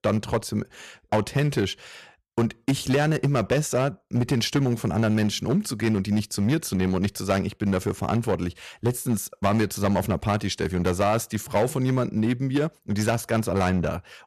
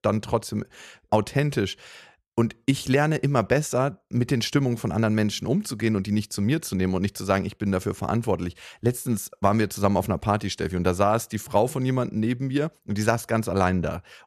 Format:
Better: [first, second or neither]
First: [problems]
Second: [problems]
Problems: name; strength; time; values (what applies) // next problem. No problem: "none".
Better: second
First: distortion; slight; 6% of the sound clipped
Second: none